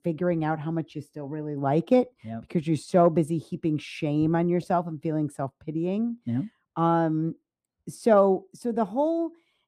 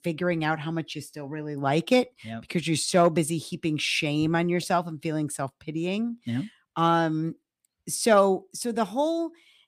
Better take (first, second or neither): second